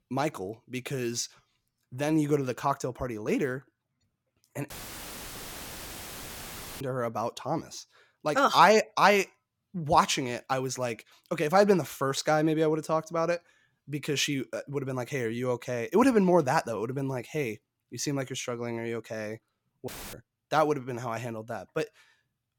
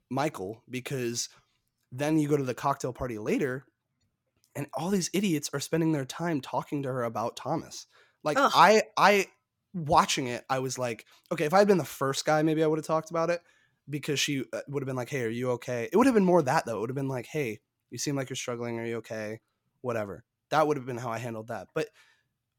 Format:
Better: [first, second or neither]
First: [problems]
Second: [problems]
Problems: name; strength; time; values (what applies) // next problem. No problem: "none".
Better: second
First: audio cutting out; filled with static; at 4.5 s for 2 s and at 20 s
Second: none